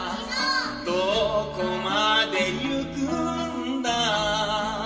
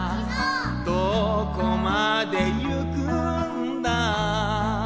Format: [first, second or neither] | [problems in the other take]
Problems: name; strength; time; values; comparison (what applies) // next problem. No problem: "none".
second | room echo; dies away in 0.3 s